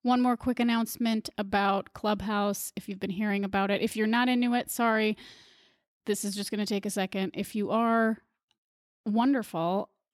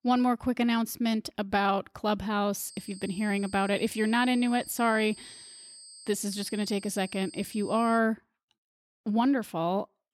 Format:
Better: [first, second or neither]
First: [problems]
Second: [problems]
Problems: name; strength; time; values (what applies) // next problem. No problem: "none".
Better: first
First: none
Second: high-pitched whine; noticeable; from 2.5 to 8 s; 8.5 kHz, 20 dB below the speech